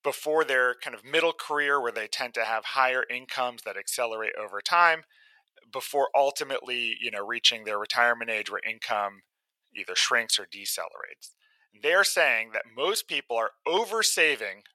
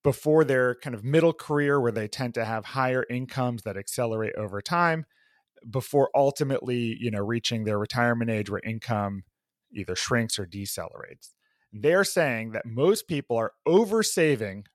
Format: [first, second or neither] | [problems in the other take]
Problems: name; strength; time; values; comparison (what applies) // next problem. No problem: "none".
second | thin; very; fading below 800 Hz